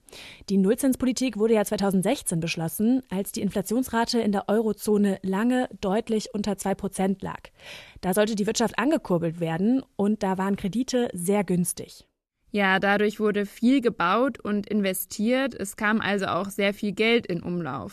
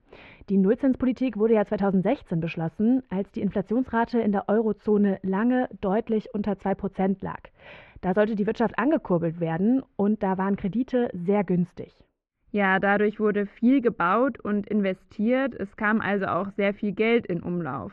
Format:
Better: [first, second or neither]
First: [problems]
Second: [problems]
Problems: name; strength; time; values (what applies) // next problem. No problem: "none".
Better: first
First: none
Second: muffled; very; fading above 2 kHz